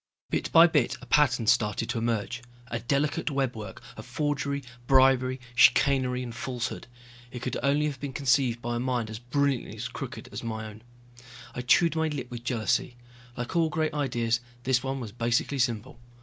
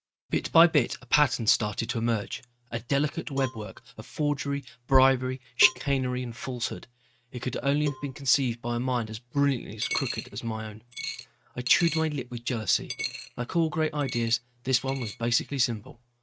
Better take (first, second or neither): first